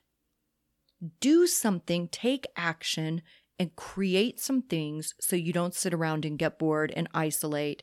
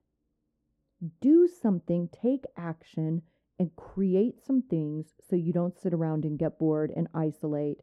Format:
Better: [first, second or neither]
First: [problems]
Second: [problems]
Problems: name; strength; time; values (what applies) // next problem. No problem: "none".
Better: first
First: none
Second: muffled; very; fading above 1.5 kHz